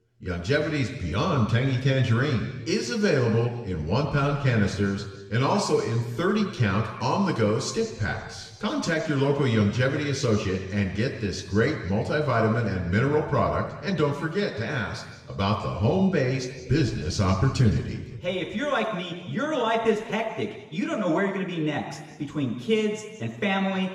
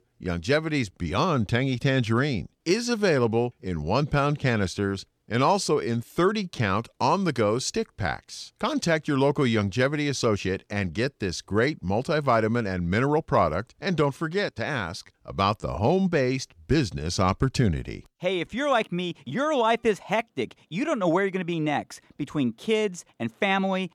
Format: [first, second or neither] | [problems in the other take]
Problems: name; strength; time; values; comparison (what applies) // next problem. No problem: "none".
second | room echo; noticeable; dies away in 1.2 s // off-mic speech; far